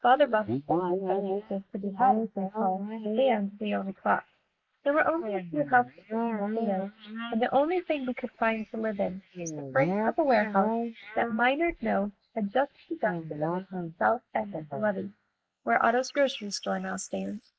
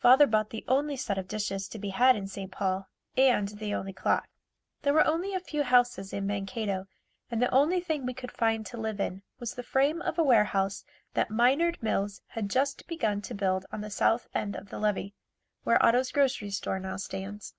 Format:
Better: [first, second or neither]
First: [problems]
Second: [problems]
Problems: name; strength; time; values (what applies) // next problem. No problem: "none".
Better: second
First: noise reduction (neural mask model Resemble Enhance denoiser)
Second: none